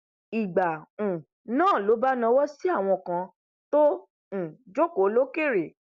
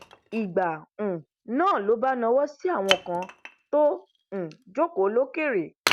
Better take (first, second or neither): first